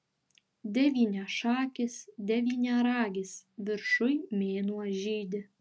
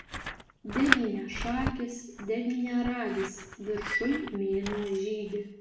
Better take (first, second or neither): first